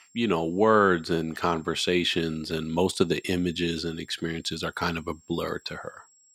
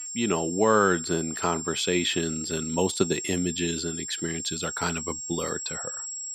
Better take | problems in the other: first | high-pitched whine; loud; throughout; 7.5 kHz, 5 dB below the speech; faint in the first

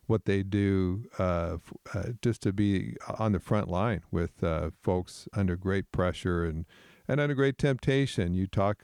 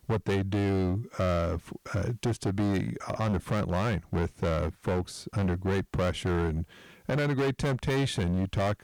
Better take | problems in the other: first | distortion; heavy; 18% of the sound clipped

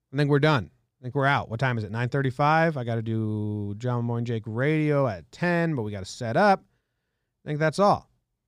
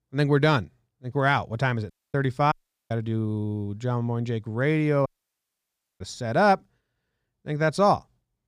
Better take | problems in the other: first | audio cutting out; at 2 s, at 2.5 s and at 5 s for 1 s

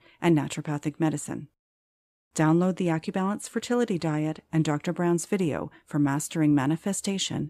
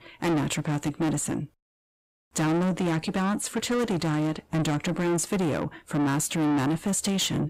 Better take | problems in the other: first | distortion; heavy; 6 dB below the speech

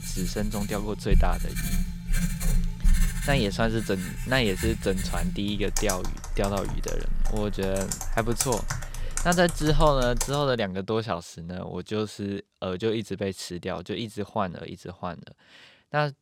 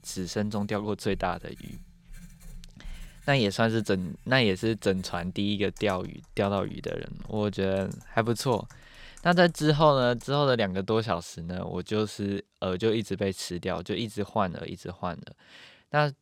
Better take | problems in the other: second | household noises; loud; until 10 s; 3 dB below the speech; faint in the second

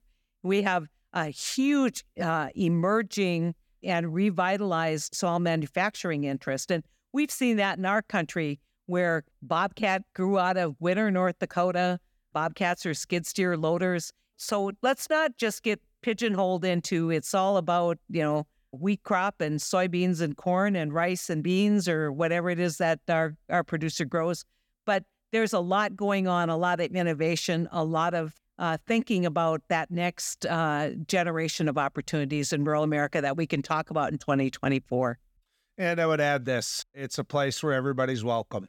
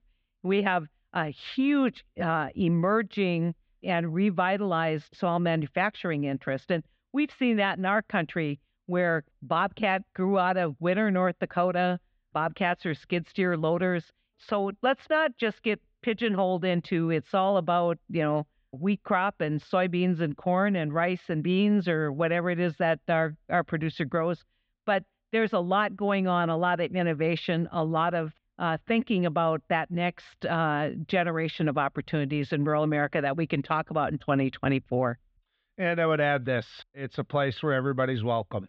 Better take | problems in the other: first | muffled; very; fading above 3.5 kHz

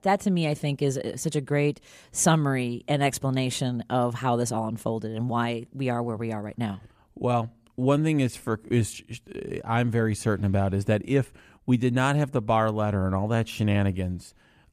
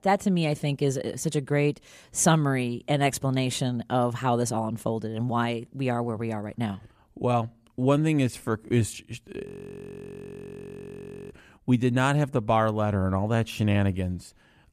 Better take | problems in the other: first | audio freezing; at 9.5 s for 2 s

